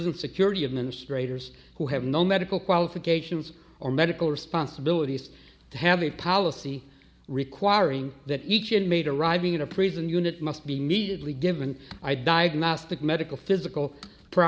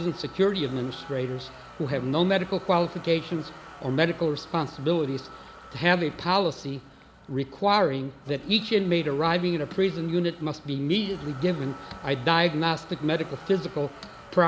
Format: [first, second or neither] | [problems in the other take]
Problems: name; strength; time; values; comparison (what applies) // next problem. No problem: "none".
first | background sound (Motor vehicle (road)); 19 dB below the speech